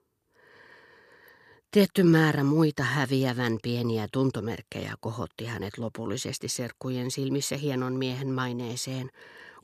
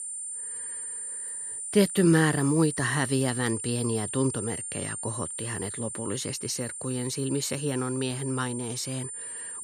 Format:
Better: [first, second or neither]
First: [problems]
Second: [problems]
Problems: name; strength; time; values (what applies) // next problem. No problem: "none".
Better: first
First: none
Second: high-pitched whine; loud; throughout; 9 kHz, 5 dB below the speech